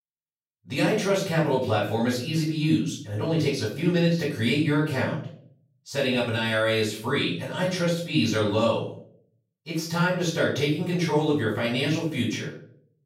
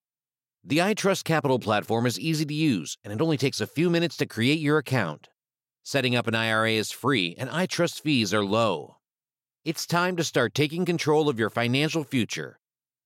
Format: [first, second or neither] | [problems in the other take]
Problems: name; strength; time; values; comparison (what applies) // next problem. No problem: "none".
second | room echo; noticeable; dies away in 0.5 s // off-mic speech; far